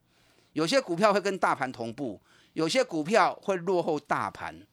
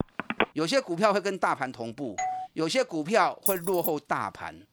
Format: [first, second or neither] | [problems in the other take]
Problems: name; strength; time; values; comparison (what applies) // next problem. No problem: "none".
first | phone ringing; noticeable; at the start; peak 1 dB below the speech // doorbell; noticeable; at 2 s; peak 4 dB below the speech // jangling keys; noticeable; at 3.5 s; peak level with the speech